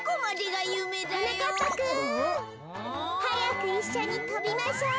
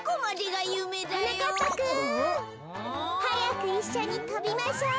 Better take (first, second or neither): second